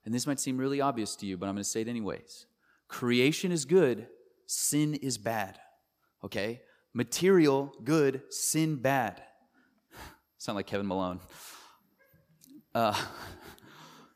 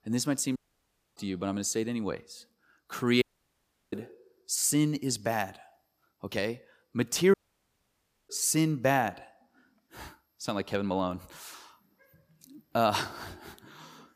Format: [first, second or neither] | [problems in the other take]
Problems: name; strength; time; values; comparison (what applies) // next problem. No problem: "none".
first | audio cutting out; at 0.5 s for 0.5 s, at 3 s for 0.5 s and at 7.5 s for 1 s